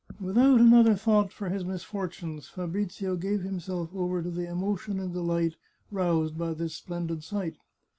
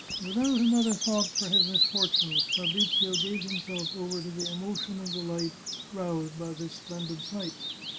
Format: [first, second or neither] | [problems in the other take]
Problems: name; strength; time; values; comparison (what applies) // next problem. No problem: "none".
first | background sound (Bird vocalization, bird call, bird song); as loud as the speech